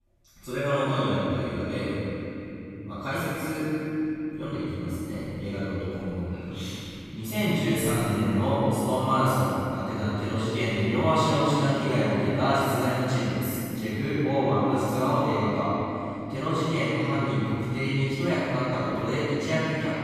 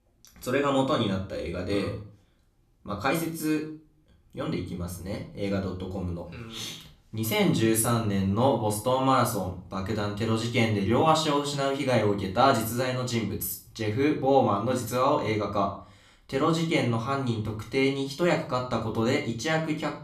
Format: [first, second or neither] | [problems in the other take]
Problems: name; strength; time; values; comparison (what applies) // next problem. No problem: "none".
second | room echo; strong; dies away in 3 s; slight in the second // off-mic speech; far; far in the second